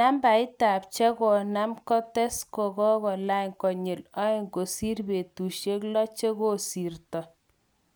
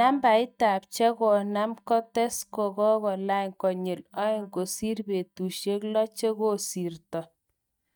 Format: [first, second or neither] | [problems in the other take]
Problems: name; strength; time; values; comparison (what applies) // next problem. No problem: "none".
first | noise reduction (neural mask model DeepFilterNet 3)